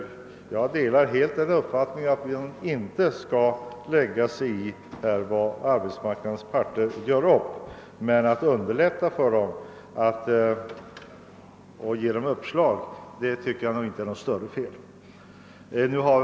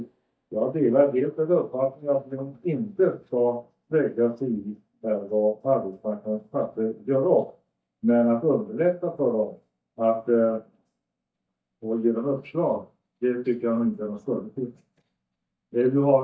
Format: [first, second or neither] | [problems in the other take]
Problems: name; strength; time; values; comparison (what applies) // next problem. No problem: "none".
first | noise reduction (neural mask model DeepFilterNet 3)